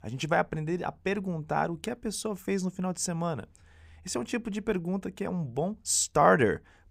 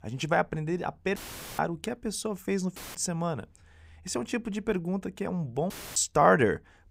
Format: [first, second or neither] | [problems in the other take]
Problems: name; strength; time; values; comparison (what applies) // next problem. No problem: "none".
first | audio cutting out; filled with static; at 1 s, at 3 s and at 5.5 s